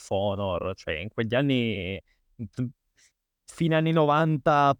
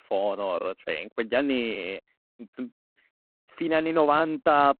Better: first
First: none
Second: phone-call audio; poor line

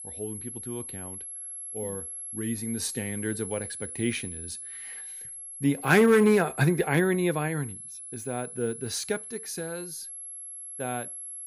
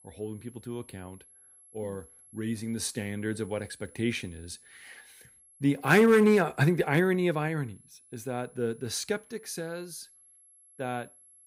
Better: second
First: high-pitched whine; loud; throughout; 11 kHz, 9 dB below the speech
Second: high-pitched whine; faint; throughout; 11 kHz, 25 dB below the speech

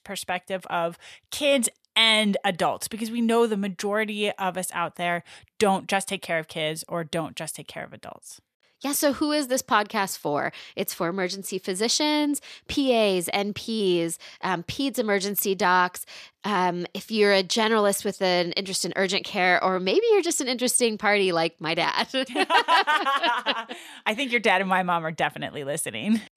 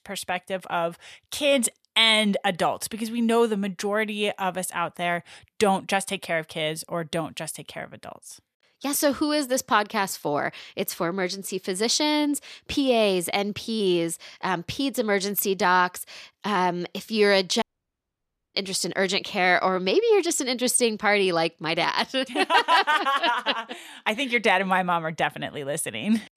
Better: first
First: none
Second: audio cutting out; at 18 s for 1 s

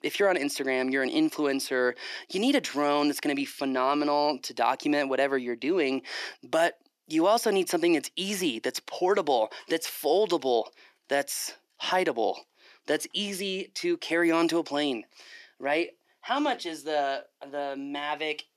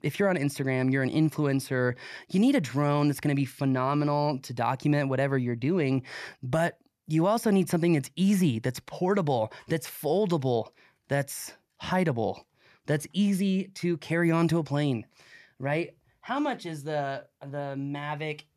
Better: second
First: thin; somewhat; fading below 300 Hz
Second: none

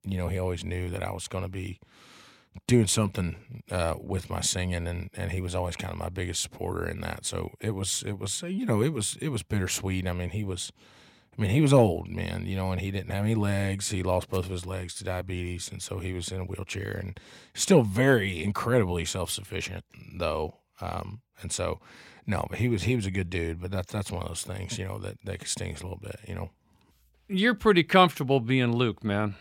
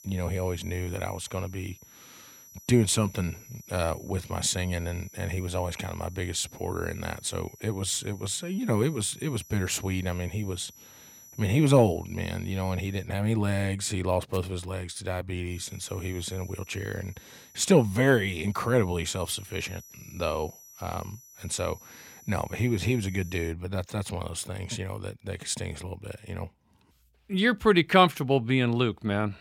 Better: first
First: none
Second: high-pitched whine; faint; until 13 s and from 16 to 24 s; 6 kHz, 20 dB below the speech

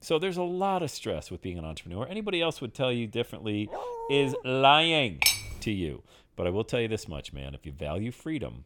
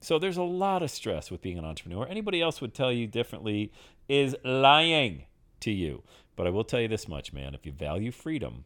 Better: second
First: dog barking; noticeable; at 3.5 s; peak 7 dB below the speech // clattering dishes; loud; at 5 s; peak 5 dB above the speech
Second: none

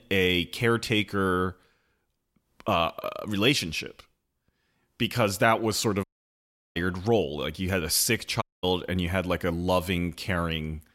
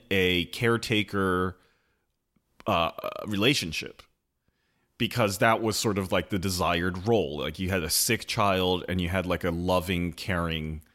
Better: second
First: audio cutting out; at 6 s for 0.5 s and at 8.5 s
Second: none

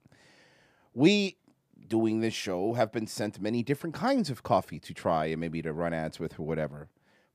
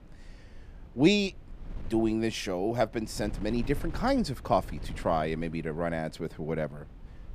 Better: first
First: none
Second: wind noise on the microphone; occasional gusts; 25 dB below the speech

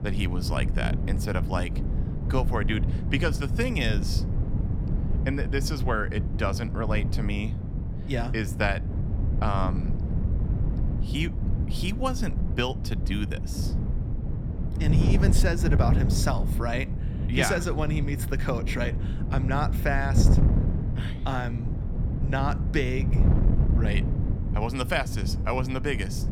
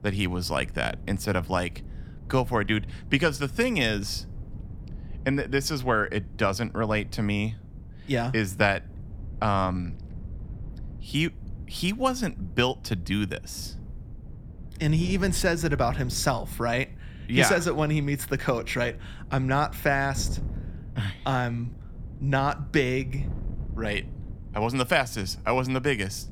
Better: second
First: wind noise on the microphone; heavy; 8 dB below the speech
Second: wind noise on the microphone; occasional gusts; 25 dB below the speech

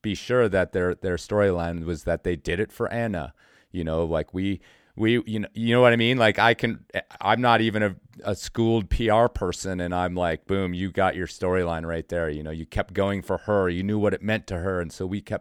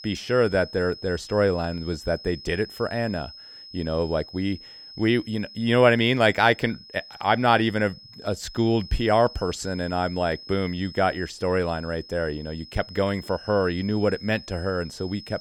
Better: first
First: none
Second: high-pitched whine; noticeable; throughout; 5 kHz, 15 dB below the speech

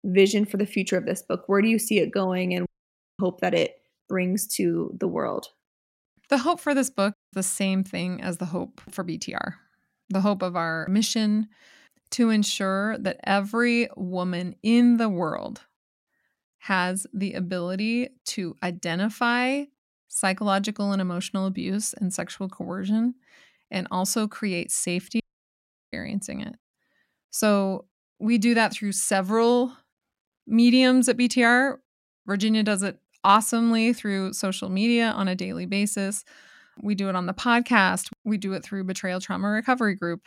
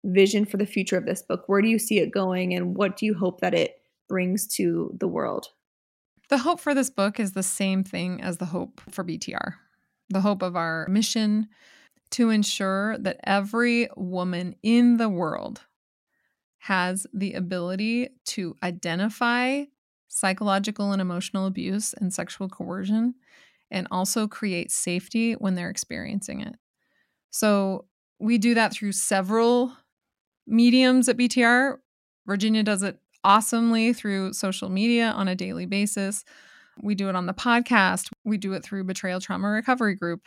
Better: second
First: audio cutting out; at 2.5 s for 0.5 s, at 7 s and at 25 s for 0.5 s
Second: none

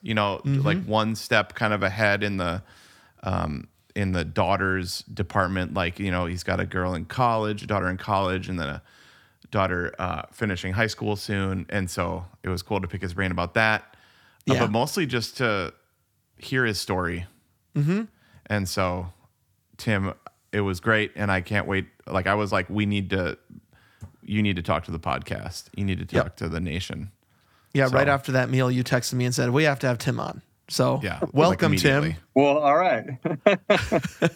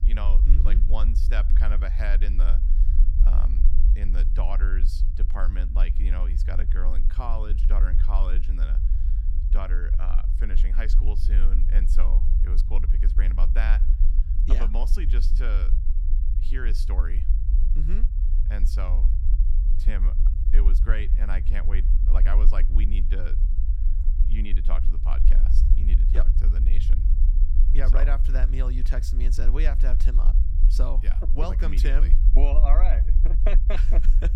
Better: first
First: none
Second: low rumble; loud; throughout; 8 dB below the speech

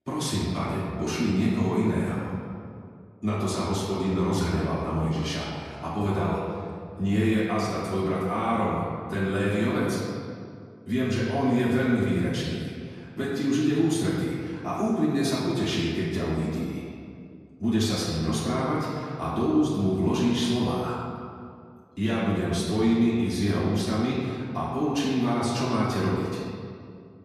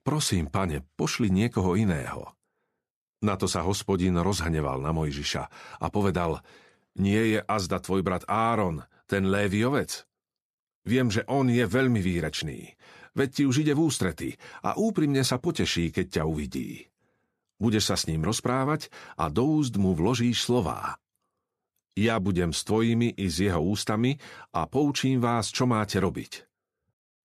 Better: second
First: off-mic speech; far // room echo; noticeable; dies away in 1.9 s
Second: none

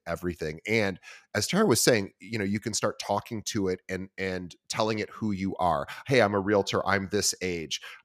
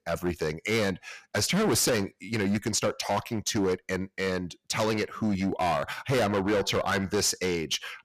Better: first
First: none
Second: distortion; heavy; 14% of the sound clipped

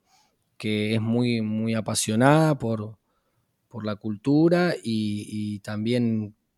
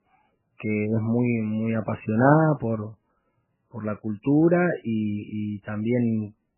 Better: first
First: none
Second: garbled, watery; badly; nothing above 2.5 kHz

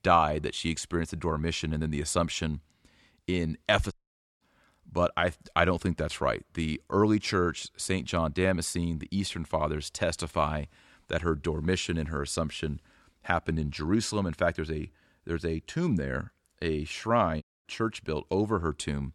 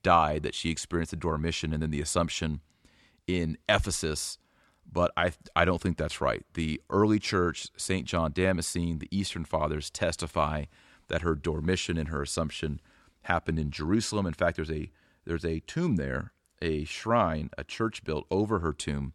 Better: second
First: audio cutting out; at 4 s and at 17 s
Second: none

